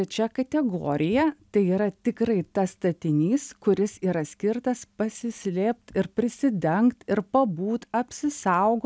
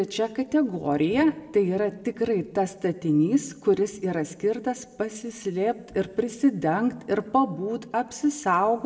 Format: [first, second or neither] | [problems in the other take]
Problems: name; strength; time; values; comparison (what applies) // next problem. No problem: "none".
first | room echo; dies away in 0.9 s